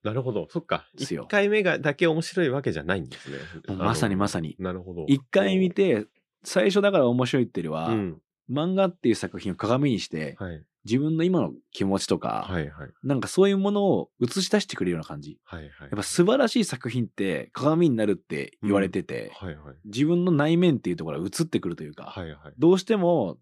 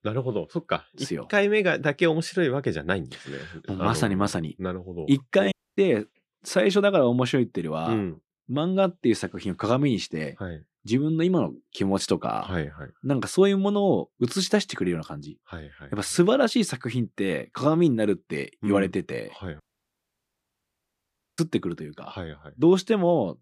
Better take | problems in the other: first | audio cutting out; at 5.5 s and at 20 s for 2 s

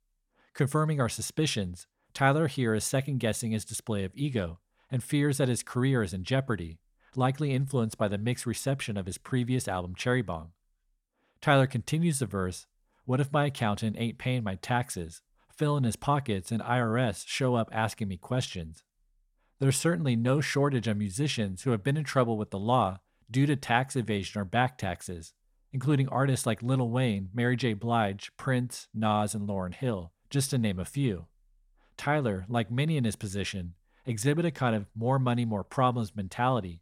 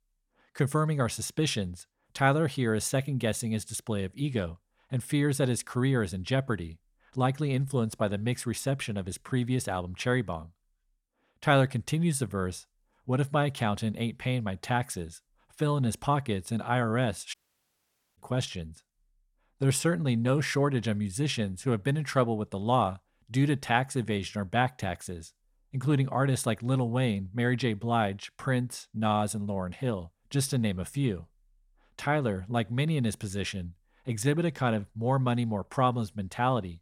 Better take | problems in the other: first | audio cutting out; at 17 s for 1 s

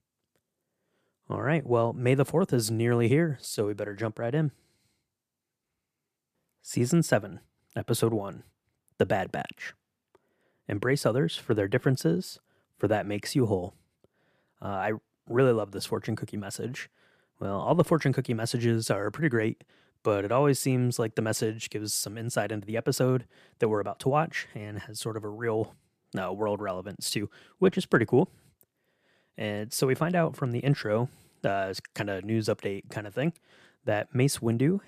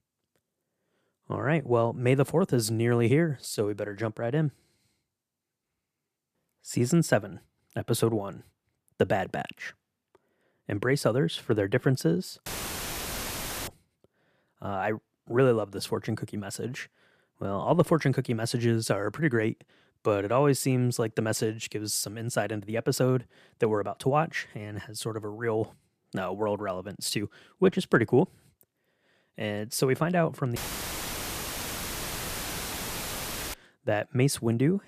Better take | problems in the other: first | audio cutting out; filled with static; at 12 s for 1 s and at 31 s for 3 s

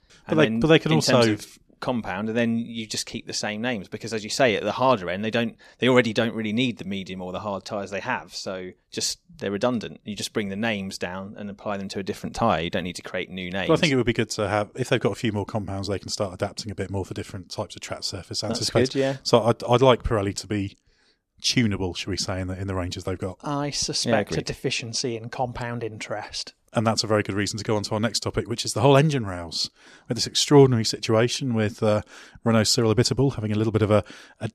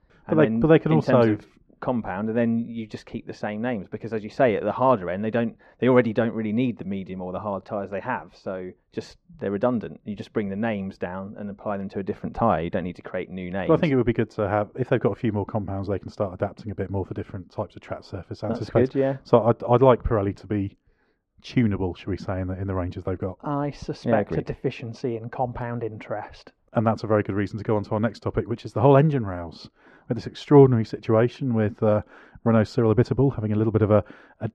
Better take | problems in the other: first | muffled; very; fading above 3.5 kHz

